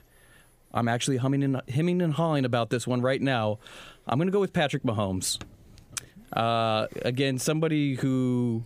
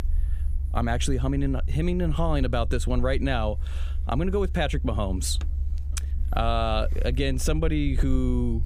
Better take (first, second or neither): first